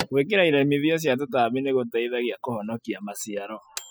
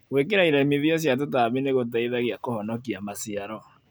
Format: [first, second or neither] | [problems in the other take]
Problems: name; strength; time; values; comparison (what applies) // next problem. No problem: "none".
second | noise reduction (classical method spectral subtraction)